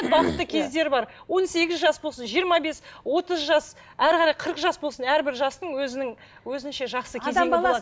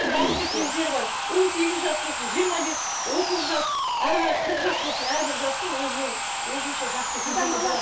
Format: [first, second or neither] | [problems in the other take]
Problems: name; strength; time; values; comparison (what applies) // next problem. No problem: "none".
first | background sound (Sawing); as loud as the speech // room echo; dies away in 0.3 s